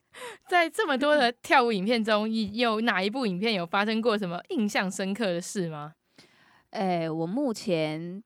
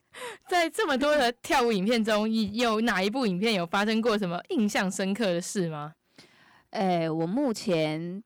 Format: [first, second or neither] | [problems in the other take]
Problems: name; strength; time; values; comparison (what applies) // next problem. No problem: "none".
first | distortion; slight; 7% of the sound clipped